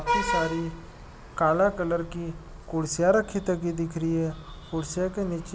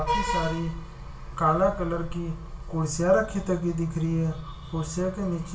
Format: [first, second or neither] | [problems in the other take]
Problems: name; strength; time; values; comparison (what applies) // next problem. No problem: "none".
first | room echo; dies away in 0.2 s